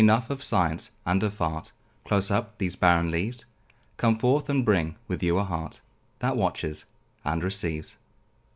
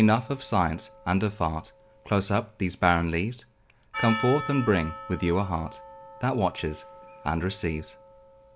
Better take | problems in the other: first | background sound (Percussion); 14 dB below the speech

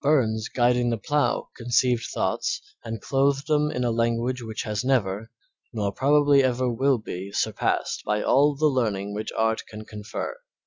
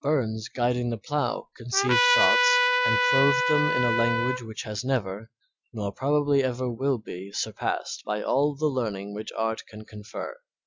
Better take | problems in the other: first | background sound (Trumpet); 3 dB above the speech

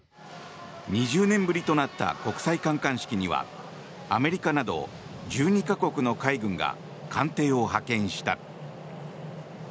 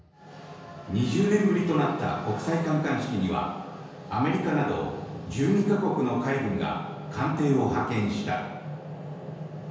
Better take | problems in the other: first | room echo; dies away in 1.2 s

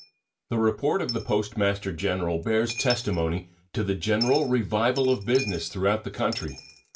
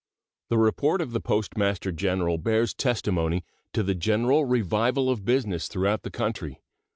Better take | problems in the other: second | background sound (Coin (dropping)); 14 dB below the speech // room echo; dies away in 0.2 s

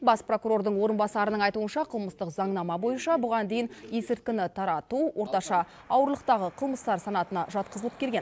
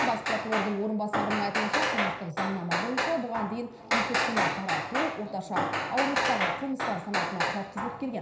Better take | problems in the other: first | background sound (Hammer); 2 dB above the speech // room echo; dies away in 0.5 s

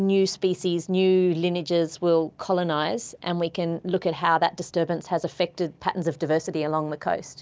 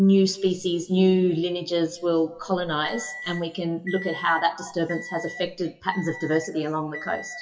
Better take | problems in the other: first | noise reduction (classical method WPE with log-MMSE)

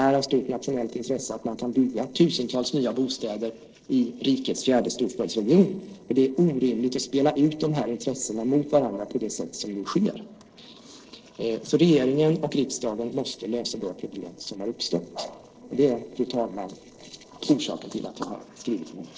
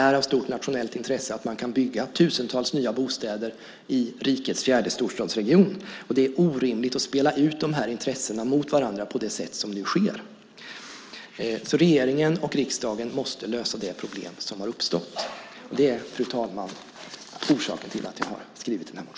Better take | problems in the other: second | noise reduction (neural separator model SepFormer DNS4)

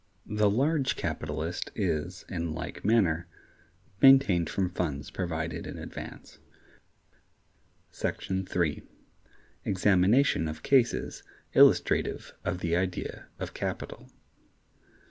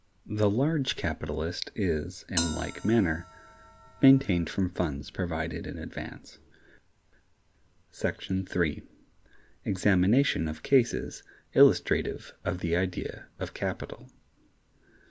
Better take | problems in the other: first | background sound (Bell); 11 dB below the speech

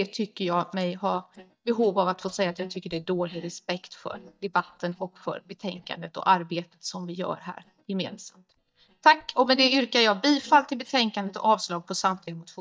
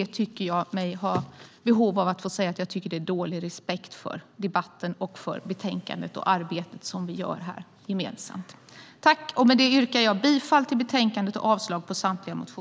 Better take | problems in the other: second | noise reduction (neural mask model DeepFilterNet 3)

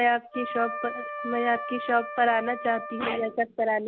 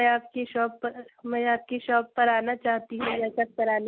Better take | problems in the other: second | background sound (Wind instrument, woodwind instrument); 9 dB below the speech

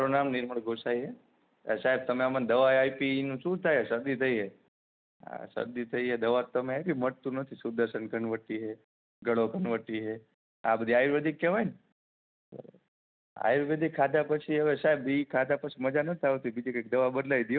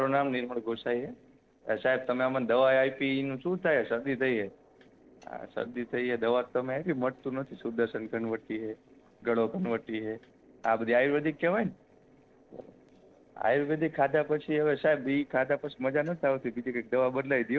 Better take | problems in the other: first | noise reduction (neural separator model SepFormer DNS4)

